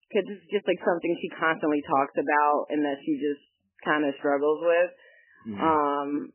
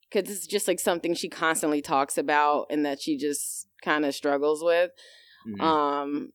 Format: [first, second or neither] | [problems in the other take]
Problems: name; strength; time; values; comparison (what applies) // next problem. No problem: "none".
second | garbled, watery; badly; nothing above 3 kHz